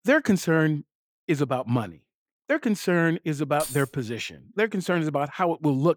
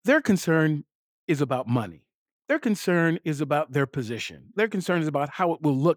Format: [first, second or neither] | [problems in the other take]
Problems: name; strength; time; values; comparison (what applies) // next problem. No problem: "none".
second | jangling keys; noticeable; at 3.5 s; peak 9 dB below the speech